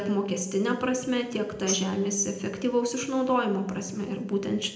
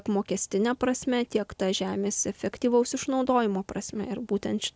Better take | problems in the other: second | background sound (Tambourine); 11 dB below the speech // room echo; dies away in 0.7 s

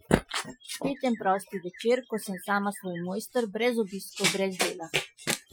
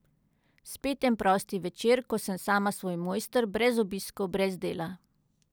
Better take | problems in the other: second | noise reduction (classical method Wiener filter)

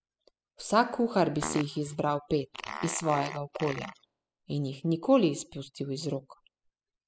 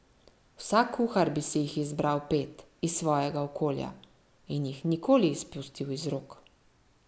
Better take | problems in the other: second | noise reduction (classical method spectral subtraction)

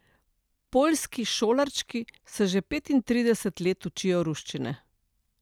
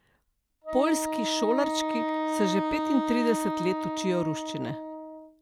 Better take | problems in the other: first | background sound (Wind instrument, woodwind instrument); 1 dB below the speech

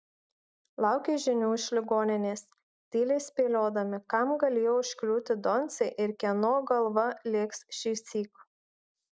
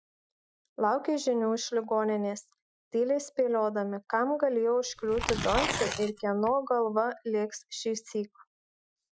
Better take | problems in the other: first | noise reduction (classical method Wiener filter)

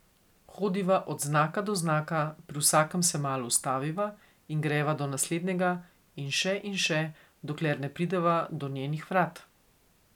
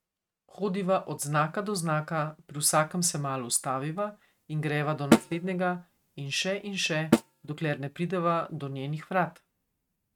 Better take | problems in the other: first | noise reduction (neural mask model RNNoise)

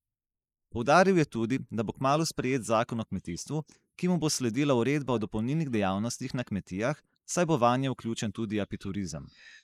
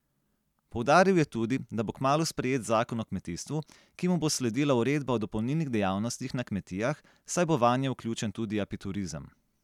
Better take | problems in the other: second | noise reduction (neural mask model Resemble Enhance denoiser)

